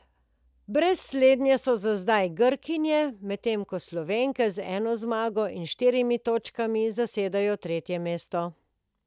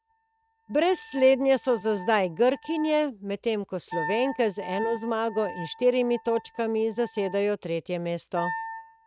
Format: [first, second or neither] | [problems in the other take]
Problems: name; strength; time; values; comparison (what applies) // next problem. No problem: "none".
first | noise reduction (neural mask model RNNoise)